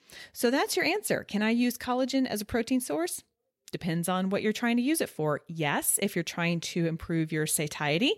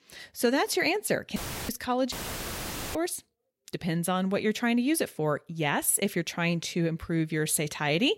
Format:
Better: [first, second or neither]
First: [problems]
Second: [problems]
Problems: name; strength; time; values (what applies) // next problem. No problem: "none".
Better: first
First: none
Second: audio cutting out; filled with static; at 1.5 s and at 2 s for 1 s